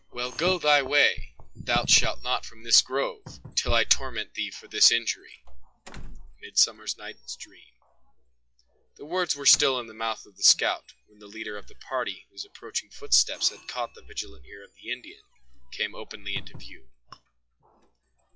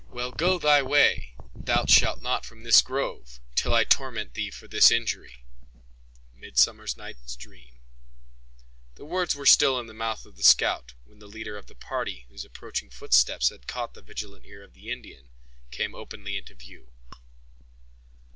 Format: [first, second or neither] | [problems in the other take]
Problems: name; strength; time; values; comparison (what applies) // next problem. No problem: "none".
second | noise reduction (classical method log-MMSE)